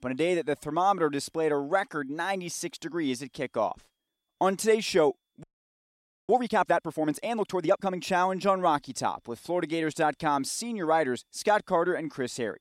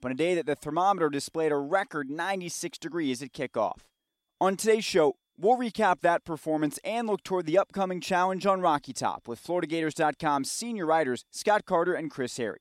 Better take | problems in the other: second | audio freezing; at 5.5 s for 1 s

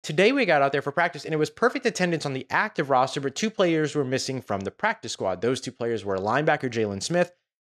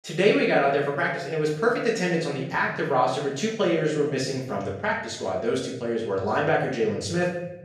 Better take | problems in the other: first | off-mic speech; far // room echo; noticeable; dies away in 0.9 s

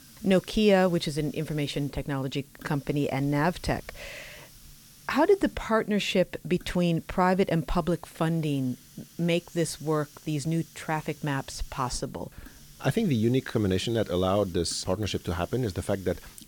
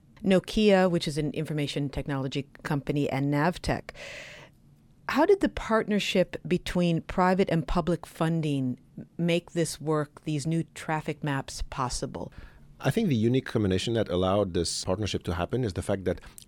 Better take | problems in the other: second | hiss; faint; throughout; 25 dB below the speech

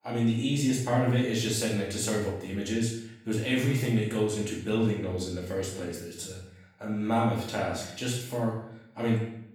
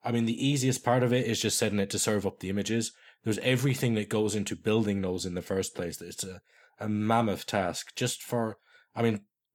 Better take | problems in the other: second | room echo; noticeable; dies away in 0.7 s // off-mic speech; far

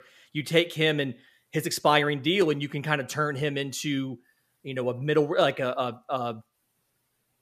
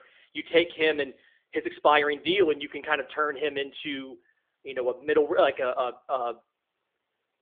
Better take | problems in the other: first | phone-call audio; nothing above 3.5 kHz

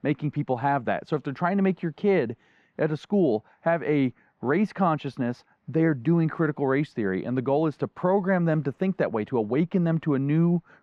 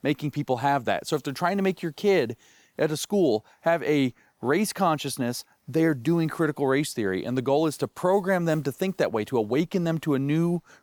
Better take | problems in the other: second | muffled; very; fading above 2 kHz

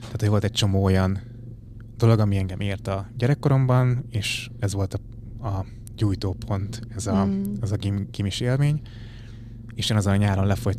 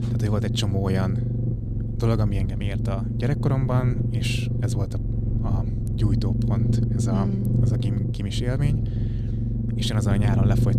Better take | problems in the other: first | low rumble; loud; throughout; 3 dB below the speech; faint in the first

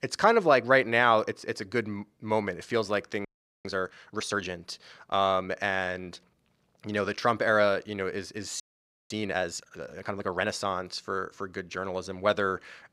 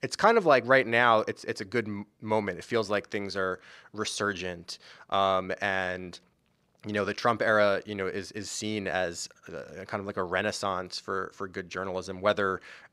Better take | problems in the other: second | audio freezing; at 3.5 s and at 8.5 s for 0.5 s

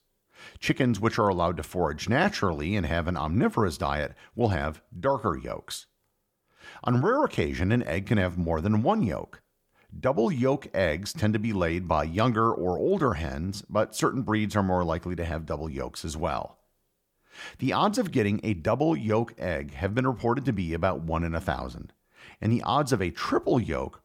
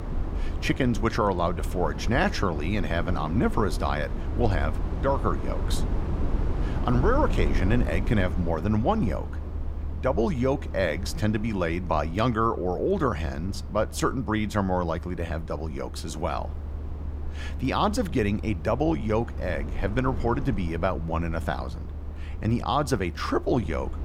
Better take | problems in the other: first | low rumble; noticeable; throughout; 15 dB below the speech

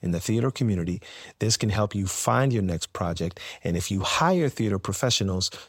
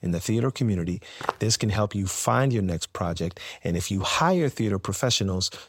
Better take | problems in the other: first | footsteps; noticeable; at 1 s; peak 7 dB below the speech

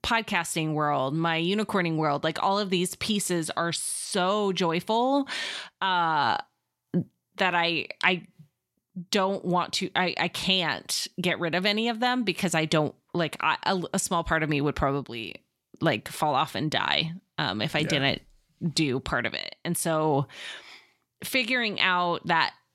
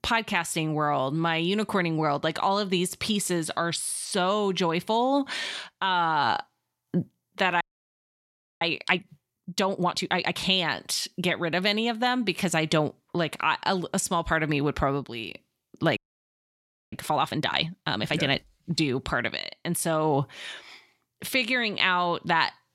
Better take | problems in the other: first | audio freezing; at 7.5 s for 1 s and at 16 s for 1 s

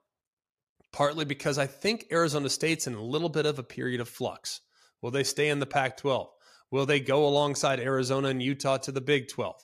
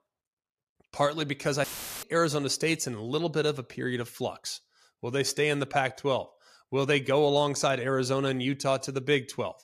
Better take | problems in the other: first | audio cutting out; filled with static; at 1.5 s

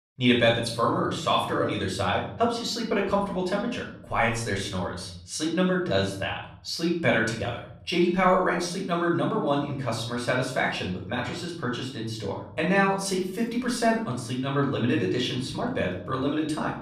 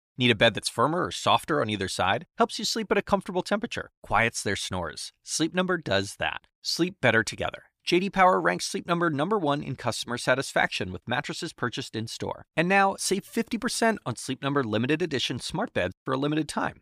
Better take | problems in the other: second | off-mic speech; far // room echo; noticeable; dies away in 0.8 s

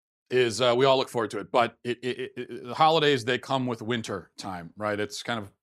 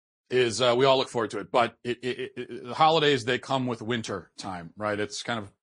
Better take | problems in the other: first | garbled, watery; slightly

